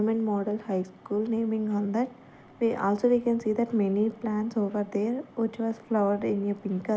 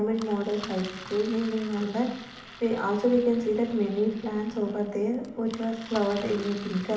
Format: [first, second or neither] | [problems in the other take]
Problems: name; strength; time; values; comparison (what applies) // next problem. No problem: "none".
first | background sound (Engine); 17 dB below the speech // room echo; dies away in 0.9 s